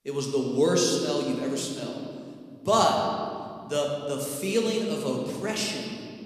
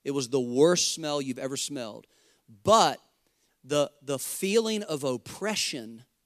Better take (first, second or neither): second